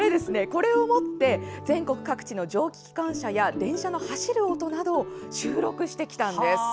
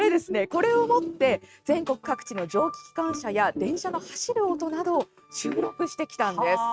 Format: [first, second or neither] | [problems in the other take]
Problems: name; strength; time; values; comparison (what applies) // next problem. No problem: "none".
first | noise reduction (neural mask model RNNoise)